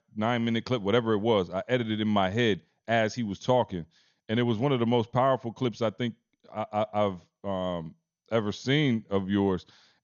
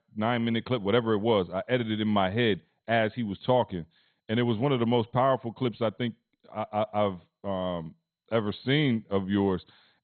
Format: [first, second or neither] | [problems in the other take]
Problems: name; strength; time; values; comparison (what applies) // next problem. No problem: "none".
first | garbled, watery; badly; nothing above 3.5 kHz; slightly in the first